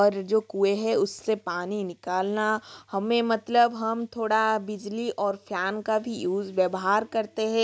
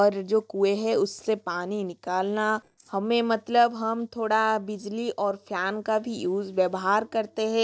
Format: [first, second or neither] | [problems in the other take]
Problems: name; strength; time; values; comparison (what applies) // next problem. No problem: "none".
first | noise reduction (neural separator model SepFormer DNS4)